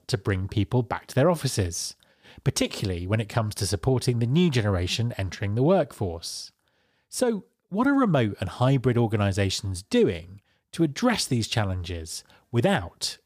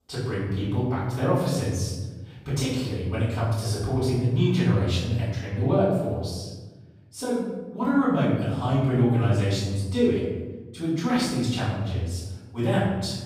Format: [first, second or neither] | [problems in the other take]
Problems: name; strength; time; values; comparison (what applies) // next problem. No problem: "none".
first | off-mic speech; far // room echo; noticeable; dies away in 1.2 s